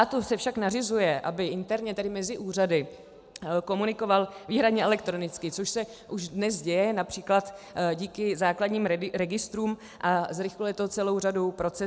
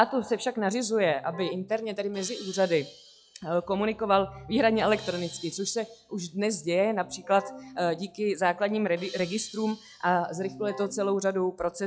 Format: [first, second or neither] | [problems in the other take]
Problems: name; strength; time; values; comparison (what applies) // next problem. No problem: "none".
first | noise reduction (classical method log-MMSE)